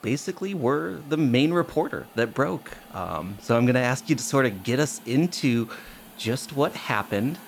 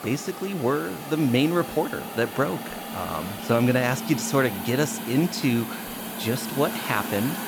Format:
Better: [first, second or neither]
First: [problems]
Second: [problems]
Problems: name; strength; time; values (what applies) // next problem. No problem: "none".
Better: first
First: hiss; faint; throughout; 20 dB below the speech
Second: hiss; loud; throughout; 8 dB below the speech